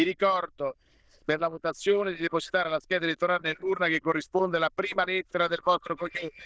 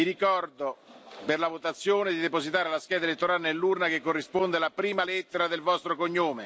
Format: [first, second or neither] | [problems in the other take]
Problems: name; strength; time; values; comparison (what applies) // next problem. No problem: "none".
second | noise reduction (neural diffusion model UNIVERSE++)